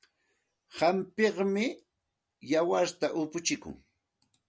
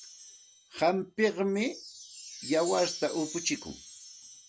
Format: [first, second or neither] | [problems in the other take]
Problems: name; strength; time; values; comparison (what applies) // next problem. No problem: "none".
first | background sound (Wind chime); 13 dB below the speech